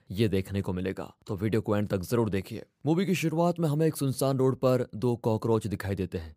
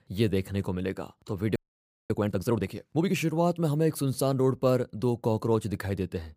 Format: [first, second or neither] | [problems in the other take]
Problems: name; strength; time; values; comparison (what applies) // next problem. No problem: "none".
first | audio freezing; at 1.5 s for 0.5 s